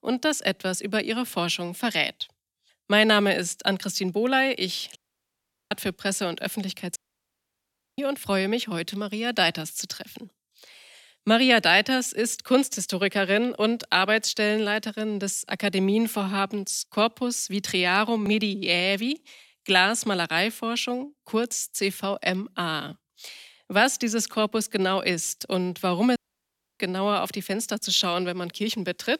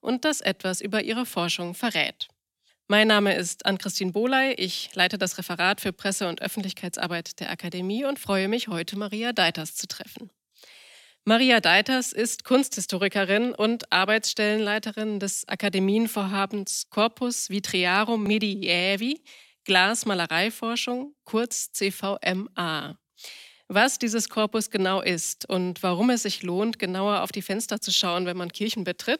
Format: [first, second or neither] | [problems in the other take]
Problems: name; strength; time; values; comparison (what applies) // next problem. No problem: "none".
second | audio cutting out; at 5 s for 1 s, at 7 s for 1 s and at 26 s for 0.5 s